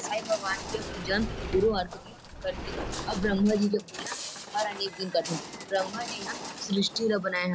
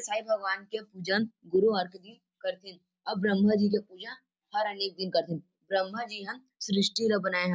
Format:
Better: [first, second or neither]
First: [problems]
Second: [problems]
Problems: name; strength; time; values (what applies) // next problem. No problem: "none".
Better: second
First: background sound (Walk, footsteps + Sliding door); 8 dB below the speech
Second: none